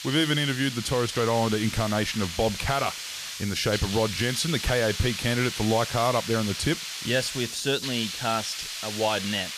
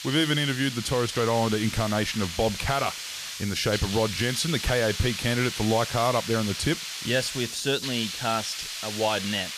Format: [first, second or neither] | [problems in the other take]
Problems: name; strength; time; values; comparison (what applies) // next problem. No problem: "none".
neither | hiss; loud; throughout; 6 dB below the speech; the same in both